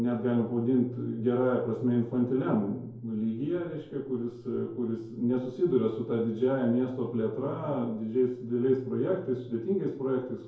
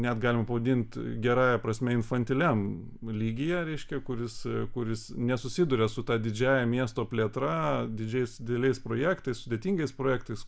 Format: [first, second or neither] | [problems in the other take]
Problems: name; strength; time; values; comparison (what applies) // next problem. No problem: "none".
second | room echo; dies away in 2.3 s